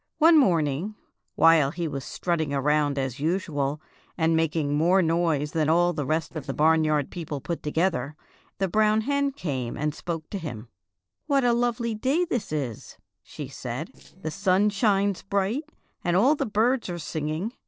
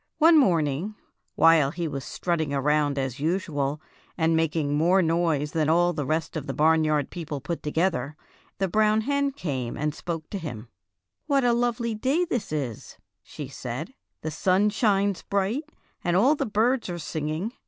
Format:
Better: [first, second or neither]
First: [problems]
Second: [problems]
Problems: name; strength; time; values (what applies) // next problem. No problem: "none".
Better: second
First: noise reduction (neural separator model SepFormer DNS4)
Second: none